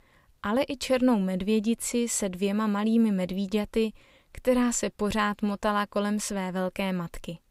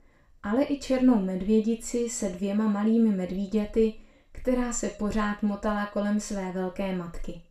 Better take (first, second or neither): first